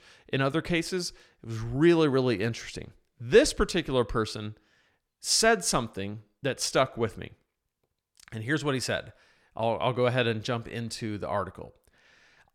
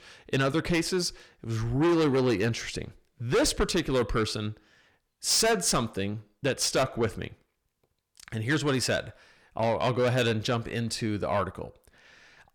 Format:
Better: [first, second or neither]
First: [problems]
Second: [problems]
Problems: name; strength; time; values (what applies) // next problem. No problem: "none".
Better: first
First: none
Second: distortion; heavy; 6 dB below the speech